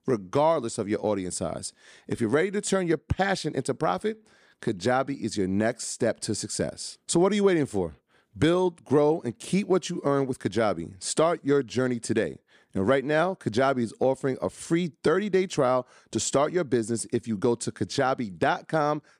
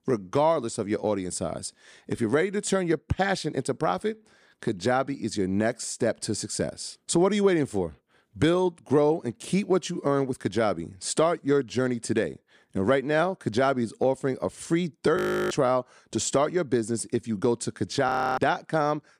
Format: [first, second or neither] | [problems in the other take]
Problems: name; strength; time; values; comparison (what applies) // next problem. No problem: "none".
first | audio freezing; at 15 s and at 18 s